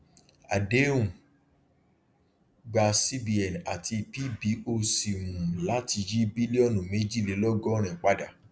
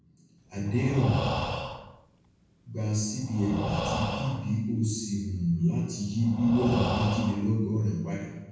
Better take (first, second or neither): first